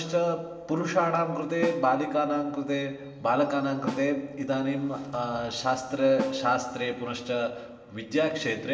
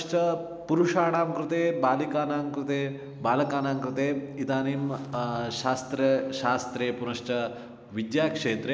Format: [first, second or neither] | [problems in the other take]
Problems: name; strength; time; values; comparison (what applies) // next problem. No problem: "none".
second | background sound (Snare drum); 14 dB below the speech // room echo; dies away in 1.5 s